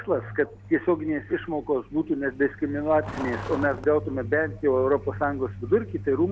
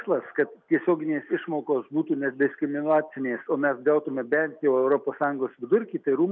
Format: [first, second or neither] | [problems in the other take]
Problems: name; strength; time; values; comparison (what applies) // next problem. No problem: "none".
second | background sound (Truck); 12 dB below the speech